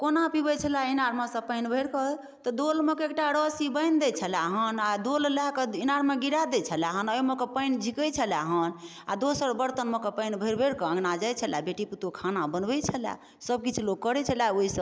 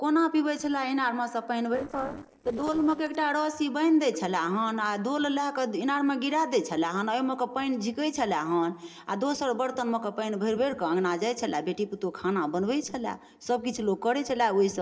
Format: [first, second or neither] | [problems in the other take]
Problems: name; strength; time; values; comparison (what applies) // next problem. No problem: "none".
first | noise reduction (neural separator model SepFormer DNS4)